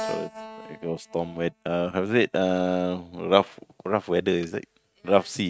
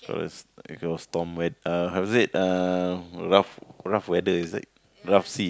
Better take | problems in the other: second | noise reduction (neural mask model RNNoise)

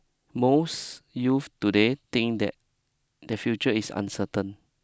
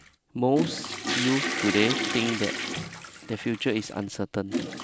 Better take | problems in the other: first | background sound (Toilet flush / Water); 3 dB below the speech

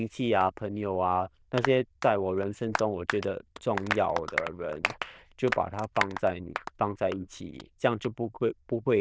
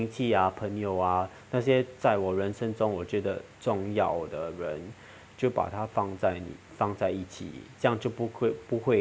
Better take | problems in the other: second | noise reduction (neural diffusion model UNIVERSE++)

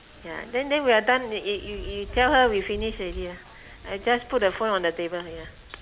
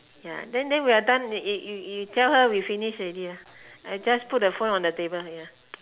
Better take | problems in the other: second | background sound (Wind); 16 dB below the speech

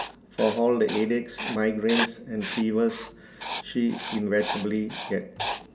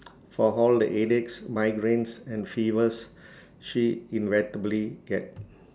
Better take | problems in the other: second | background sound (Writing); 9 dB below the speech // room echo; dies away in 1.9 s

